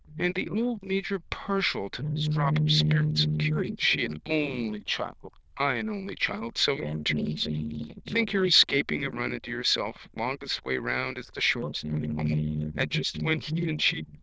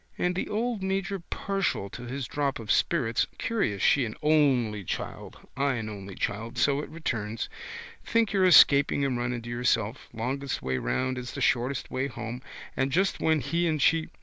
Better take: second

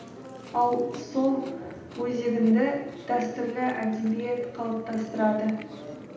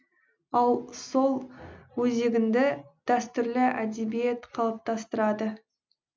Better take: second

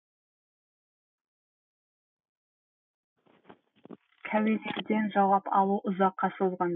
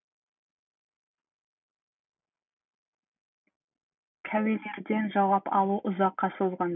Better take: second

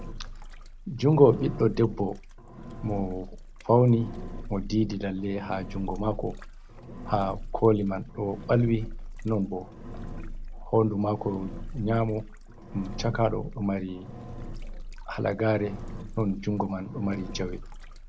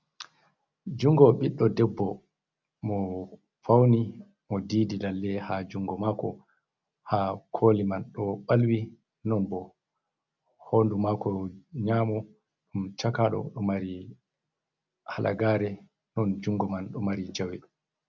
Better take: second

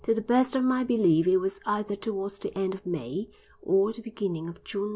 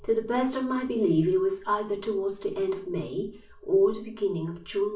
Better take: first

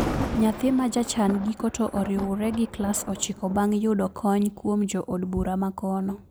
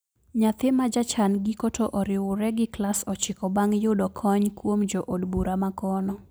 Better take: second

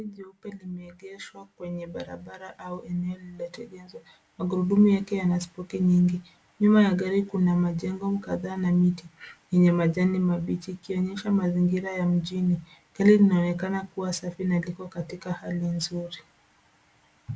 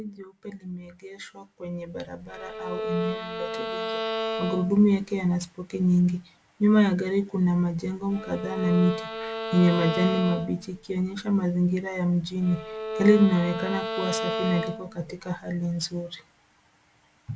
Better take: first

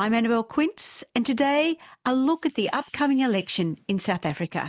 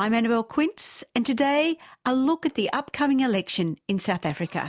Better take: second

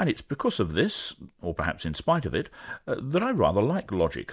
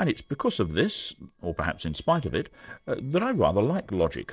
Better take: first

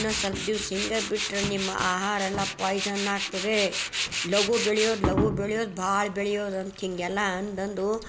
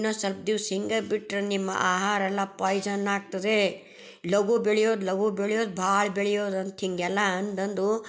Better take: second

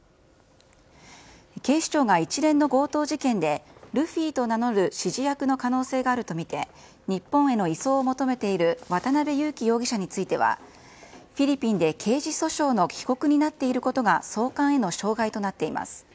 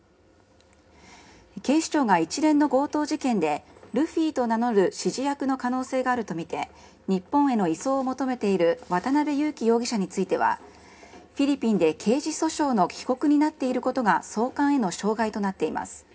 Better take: first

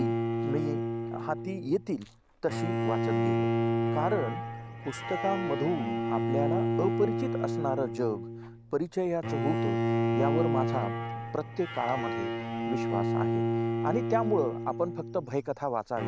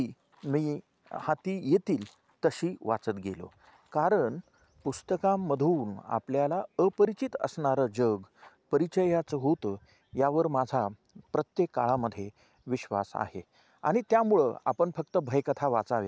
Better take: second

